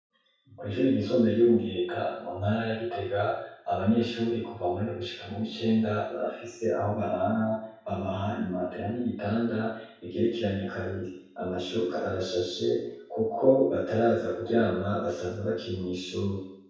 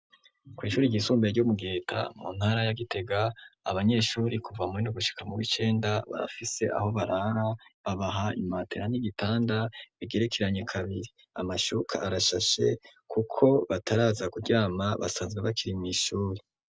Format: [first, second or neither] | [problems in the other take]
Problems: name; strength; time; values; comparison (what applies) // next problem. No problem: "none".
second | room echo; dies away in 0.7 s